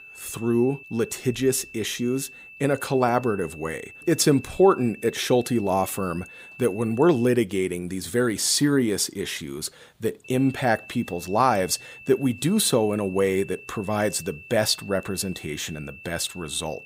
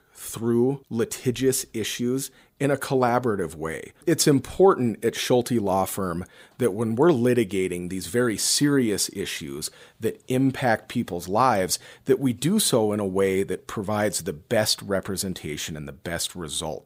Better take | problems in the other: second | high-pitched whine; noticeable; until 7.5 s and from 10 s on; 2.5 kHz, 20 dB below the speech

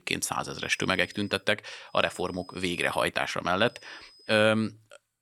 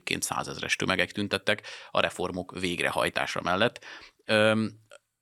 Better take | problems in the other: second | high-pitched whine; faint; at 0.5 s, from 2 to 3 s and at 3.5 s; 5 kHz, 25 dB below the speech

